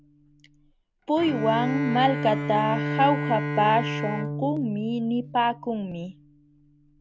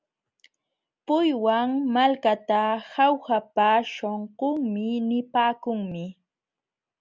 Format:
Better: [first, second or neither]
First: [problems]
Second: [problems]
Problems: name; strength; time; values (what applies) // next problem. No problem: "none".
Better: second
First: background sound (Bowed string instrument); 5 dB below the speech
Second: none